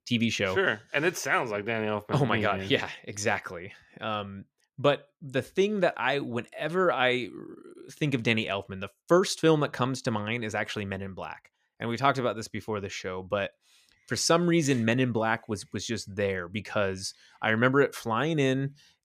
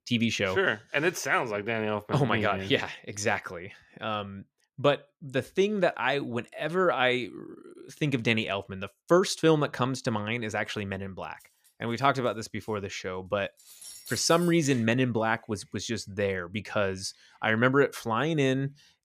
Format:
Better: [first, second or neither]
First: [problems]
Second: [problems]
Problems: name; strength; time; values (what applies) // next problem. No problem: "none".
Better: first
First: none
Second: clattering dishes; faint; from 11 to 15 s; peak 15 dB below the speech